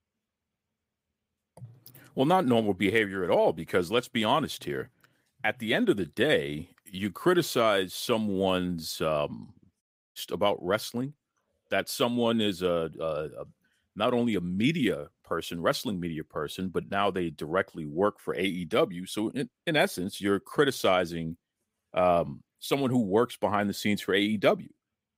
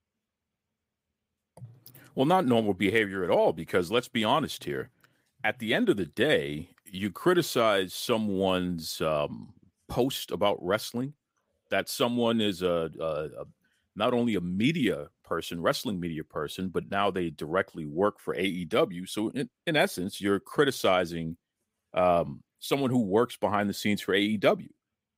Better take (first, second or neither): second